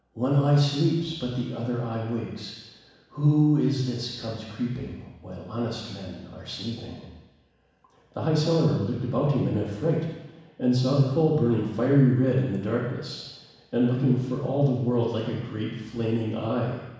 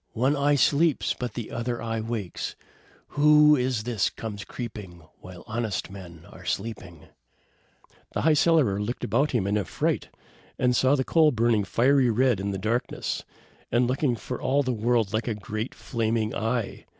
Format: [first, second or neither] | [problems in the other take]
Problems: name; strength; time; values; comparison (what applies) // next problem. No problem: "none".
second | room echo; dies away in 1.1 s